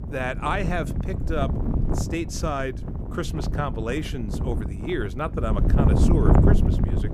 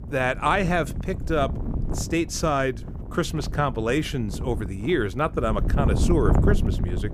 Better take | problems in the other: second | wind noise on the microphone; heavy; 3 dB below the speech; occasional gusts in the second

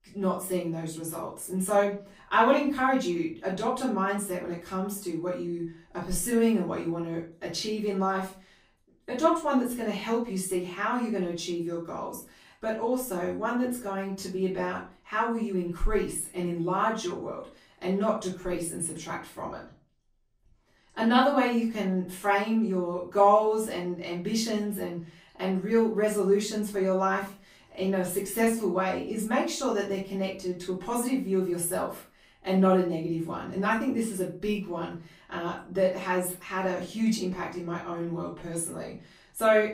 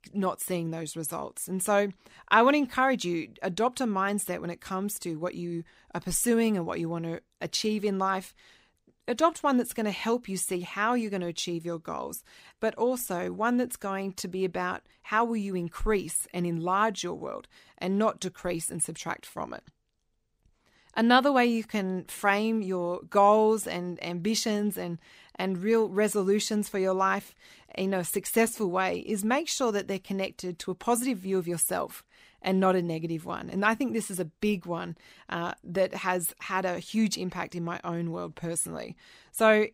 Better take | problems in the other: second | off-mic speech; far // room echo; slight; dies away in 0.3 s

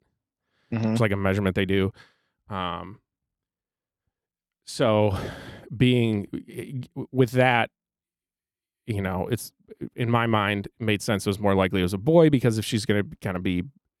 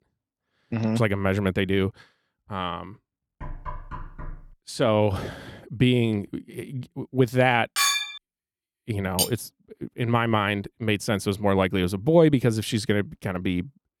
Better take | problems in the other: first | door banging; faint; from 3.5 to 4.5 s; peak 15 dB below the speech // clattering dishes; loud; at 8 s; peak 3 dB above the speech // clattering dishes; noticeable; at 9 s; peak 2 dB below the speech

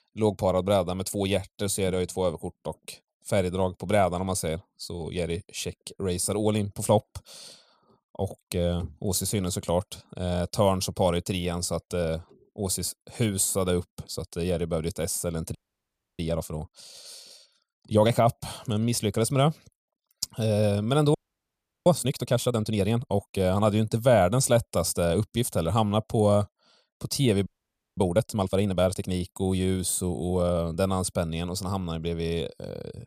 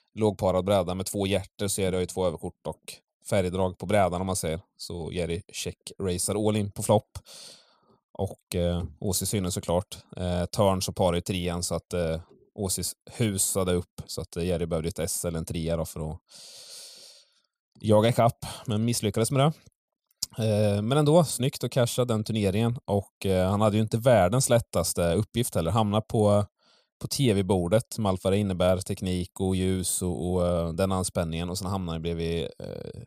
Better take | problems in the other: second | audio freezing; at 16 s for 0.5 s, at 21 s for 0.5 s and at 27 s for 0.5 s

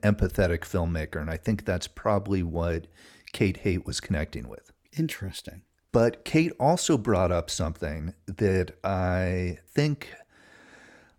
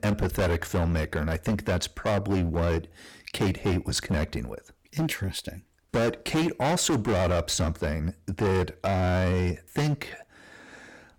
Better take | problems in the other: first | distortion; heavy; 16% of the sound clipped

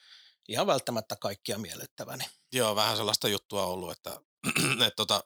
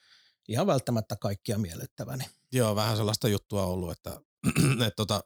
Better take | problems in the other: second | thin; somewhat; fading below 1 kHz

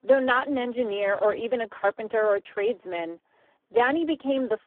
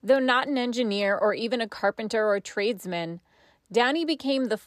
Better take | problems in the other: second | phone-call audio; poor line

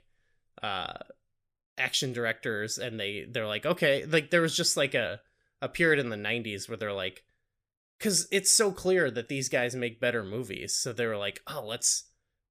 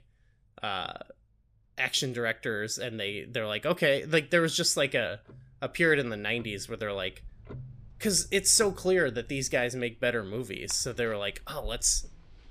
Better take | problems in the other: first | household noises; faint; throughout; 25 dB below the speech

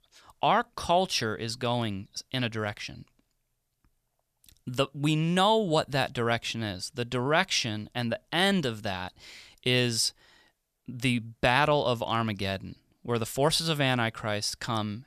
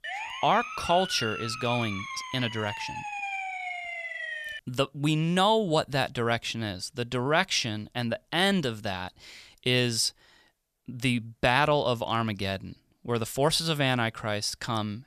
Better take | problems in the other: first | siren; noticeable; until 4.5 s; peak 5 dB below the speech

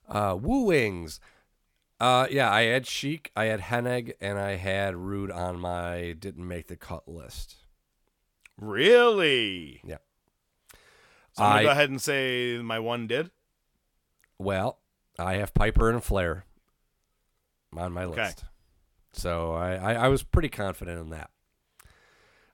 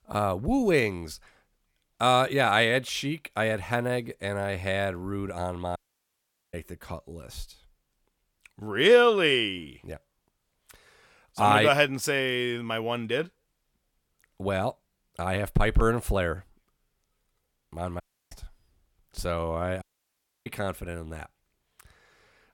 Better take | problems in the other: first | audio cutting out; at 6 s for 1 s, at 18 s and at 20 s for 0.5 s

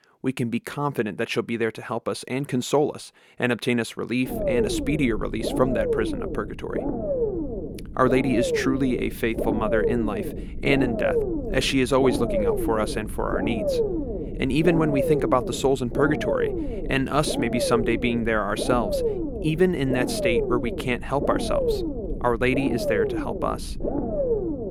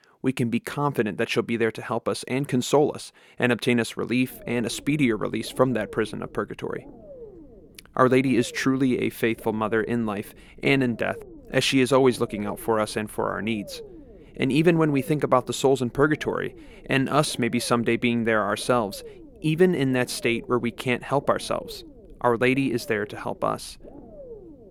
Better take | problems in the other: second | low rumble; loud; from 4.5 s on; 3 dB below the speech; faint in the second

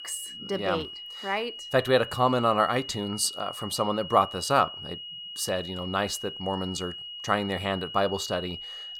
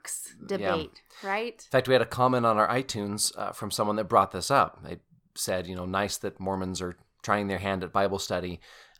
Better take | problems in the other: second | high-pitched whine; loud; throughout; 3 kHz, 10 dB below the speech

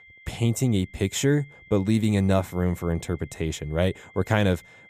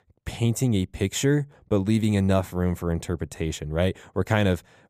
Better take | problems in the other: second | high-pitched whine; faint; throughout; 2 kHz, 25 dB below the speech

